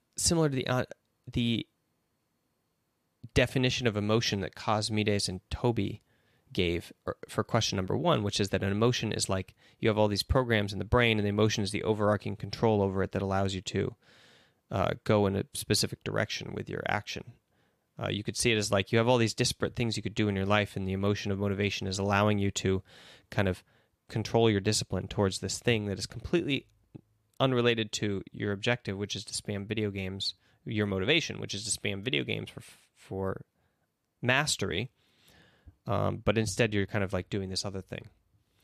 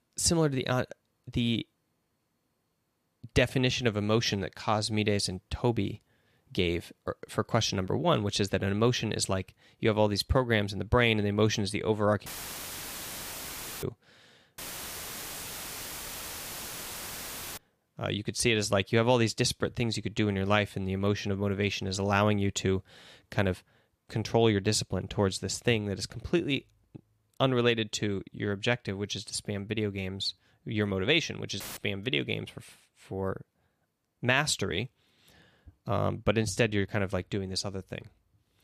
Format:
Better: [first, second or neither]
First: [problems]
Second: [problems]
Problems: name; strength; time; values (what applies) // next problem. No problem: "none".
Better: first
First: none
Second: audio cutting out; filled with static; at 12 s for 1.5 s, at 15 s for 3 s and at 32 s